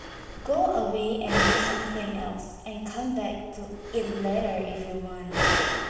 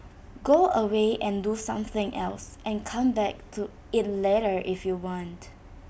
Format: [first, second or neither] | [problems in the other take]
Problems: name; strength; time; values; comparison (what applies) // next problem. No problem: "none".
second | background sound (Breathing); 1 dB below the speech // room echo; dies away in 1.2 s